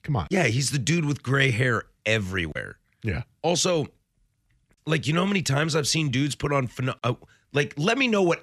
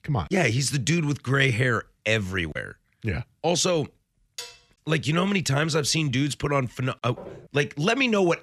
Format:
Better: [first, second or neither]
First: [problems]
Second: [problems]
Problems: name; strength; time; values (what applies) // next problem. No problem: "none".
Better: first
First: none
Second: clattering dishes; faint; at 4.5 s; peak 15 dB below the speech // footsteps; faint; at 7 s; peak 20 dB below the speech